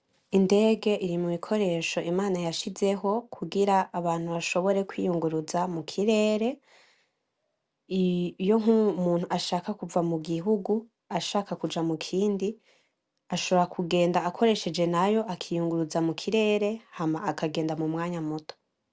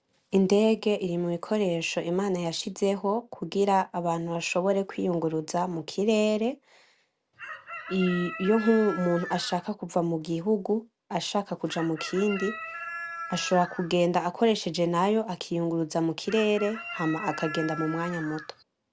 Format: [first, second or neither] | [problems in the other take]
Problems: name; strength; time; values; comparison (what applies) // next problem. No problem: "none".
first | background sound (Chicken, rooster); 11 dB below the speech